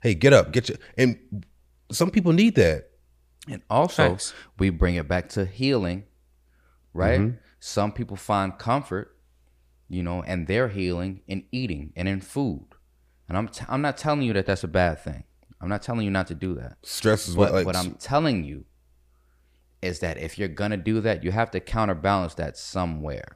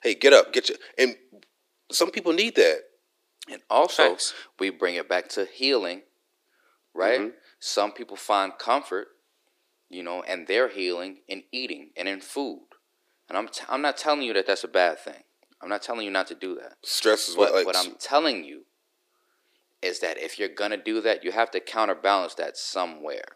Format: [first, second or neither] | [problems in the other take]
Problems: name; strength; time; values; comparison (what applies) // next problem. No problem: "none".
first | thin; very; fading below 300 Hz